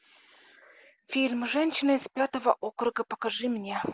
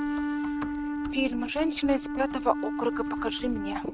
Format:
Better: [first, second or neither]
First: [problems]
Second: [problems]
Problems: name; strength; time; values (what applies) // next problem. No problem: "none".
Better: first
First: none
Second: noise reduction (neural mask model RNNoise)